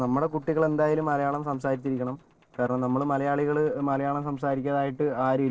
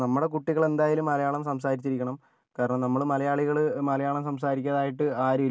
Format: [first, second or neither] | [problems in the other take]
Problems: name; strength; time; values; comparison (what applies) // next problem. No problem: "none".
second | noise reduction (neural separator model SepFormer DNS4)